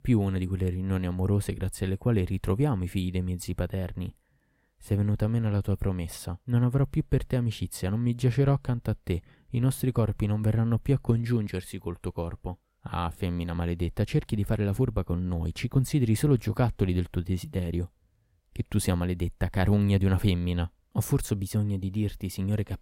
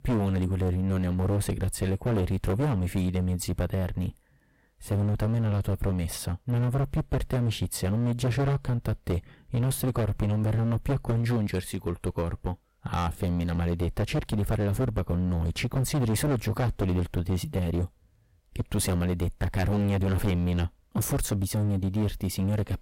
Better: first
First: none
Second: distortion; heavy; 22% of the sound clipped

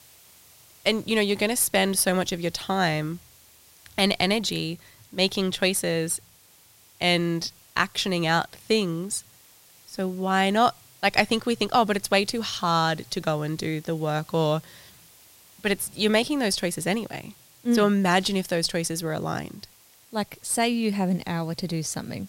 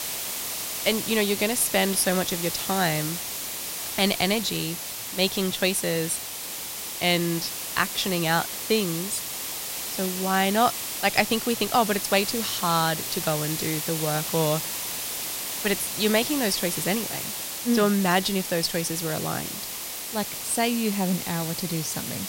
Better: first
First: hiss; faint; throughout; 25 dB below the speech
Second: hiss; loud; throughout; 4 dB below the speech

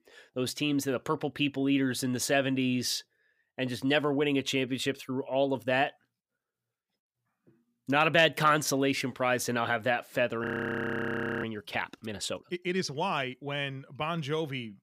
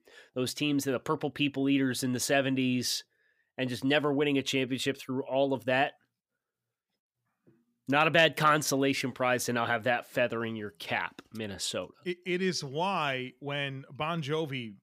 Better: second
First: audio freezing; at 10 s for 1 s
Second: none

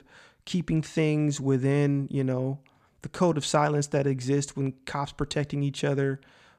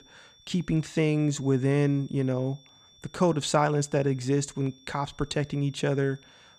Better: first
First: none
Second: high-pitched whine; faint; throughout; 3.5 kHz, 30 dB below the speech

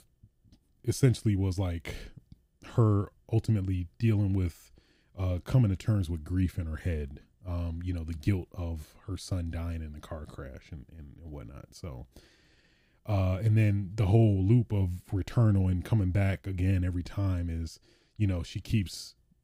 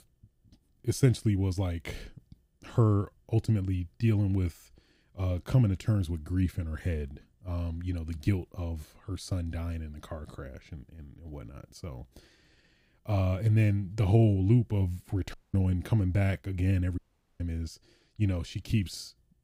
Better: first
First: none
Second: audio cutting out; at 15 s and at 17 s

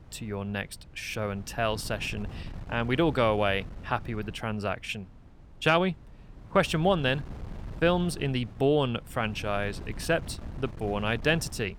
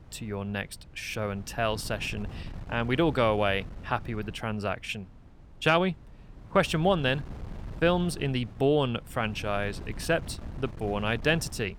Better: neither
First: wind noise on the microphone; occasional gusts; 20 dB below the speech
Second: wind noise on the microphone; occasional gusts; 20 dB below the speech

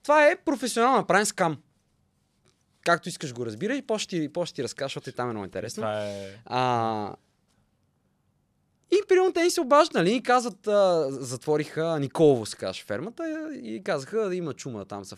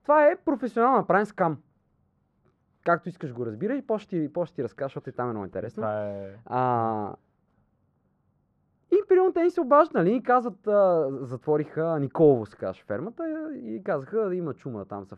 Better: first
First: none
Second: muffled; very; fading above 2.5 kHz

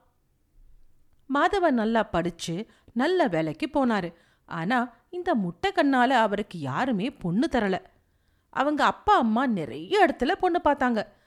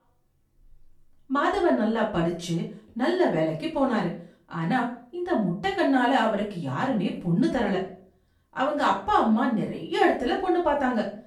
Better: first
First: none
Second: off-mic speech; far // room echo; slight; dies away in 0.4 s

